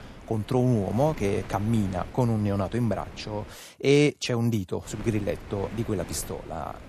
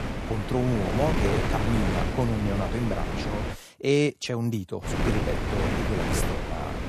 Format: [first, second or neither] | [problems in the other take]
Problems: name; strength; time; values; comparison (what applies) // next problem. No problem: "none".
first | wind noise on the microphone; heavy; until 3.5 s and from 5 s on; as loud as the speech; occasional gusts in the first